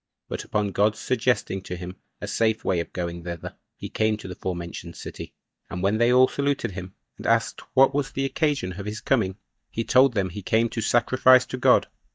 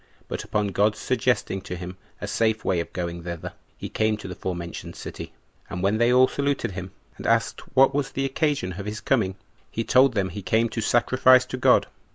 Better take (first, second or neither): second